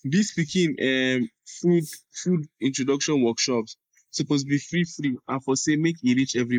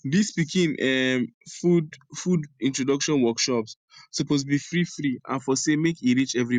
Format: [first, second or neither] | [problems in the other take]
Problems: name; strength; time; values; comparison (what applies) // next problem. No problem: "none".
second | noise reduction (neural mask model Resemble Enhance denoiser)